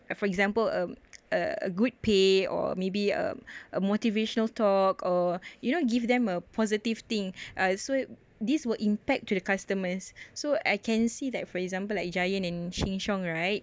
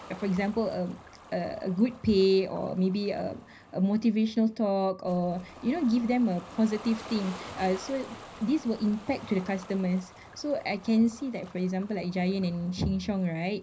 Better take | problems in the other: first | background sound (Ocean); 19 dB below the speech // room echo; dies away in 0.4 s

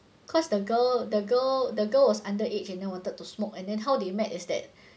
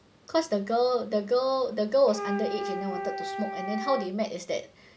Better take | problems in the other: first | background sound (Wind instrument, woodwind instrument); 7 dB below the speech

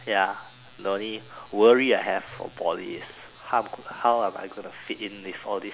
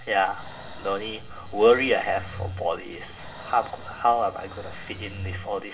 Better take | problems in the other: first | background sound (Breathing); 14 dB below the speech // room echo; dies away in 0.2 s

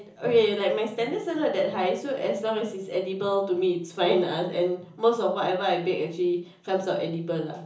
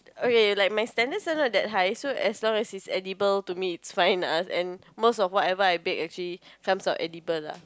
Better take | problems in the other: second | room echo; dies away in 0.7 s

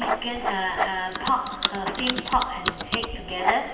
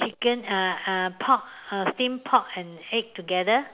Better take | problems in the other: second | background sound (Typing); 1 dB below the speech // room echo; dies away in 1.4 s

